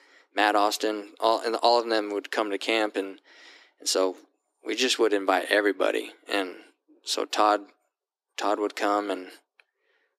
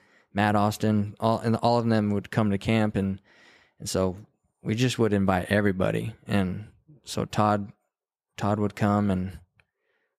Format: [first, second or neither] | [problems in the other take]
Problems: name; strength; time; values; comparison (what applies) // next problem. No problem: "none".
second | thin; very; fading below 300 Hz